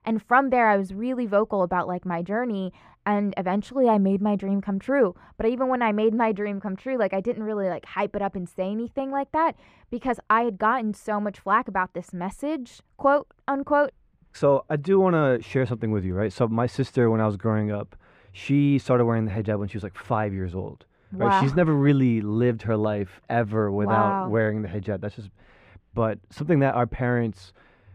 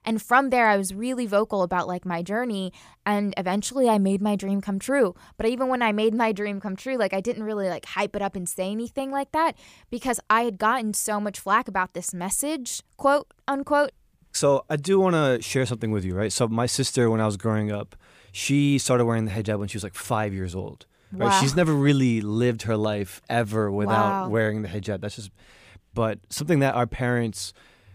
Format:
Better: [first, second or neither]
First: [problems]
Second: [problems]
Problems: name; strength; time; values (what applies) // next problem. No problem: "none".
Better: second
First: muffled; very; fading above 4 kHz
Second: none